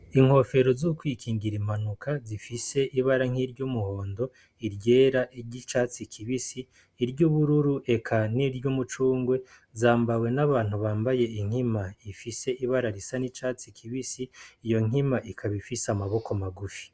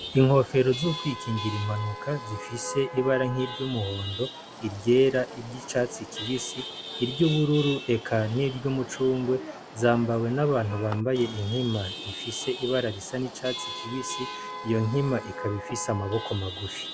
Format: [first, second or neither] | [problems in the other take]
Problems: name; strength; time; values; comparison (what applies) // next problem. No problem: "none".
first | background sound (Chatter / Traffic noise, roadway noise / Vehicle horn, car horn, honking / Engine); 11 dB below the speech